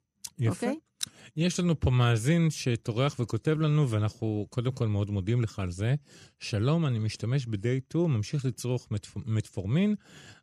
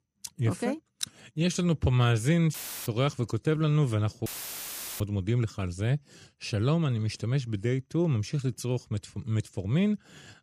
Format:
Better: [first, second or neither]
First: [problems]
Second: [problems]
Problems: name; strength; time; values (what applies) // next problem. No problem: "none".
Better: first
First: none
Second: audio cutting out; filled with static; at 2.5 s and at 4.5 s for 0.5 s